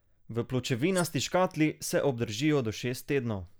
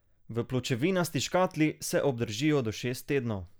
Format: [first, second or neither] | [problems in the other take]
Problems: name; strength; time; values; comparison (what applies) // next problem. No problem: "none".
second | background sound (Cutlery, silverware); 20 dB below the speech